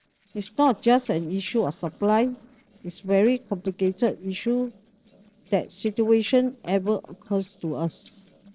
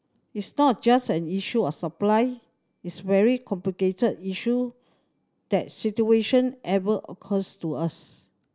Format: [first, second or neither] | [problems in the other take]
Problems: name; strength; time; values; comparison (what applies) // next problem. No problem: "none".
second | noise reduction (neural separator model SepFormer DNS4)